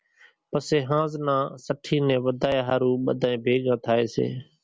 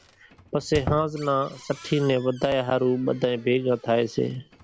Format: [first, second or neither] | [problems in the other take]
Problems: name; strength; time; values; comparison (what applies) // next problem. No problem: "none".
first | background sound (Squeak); 16 dB below the speech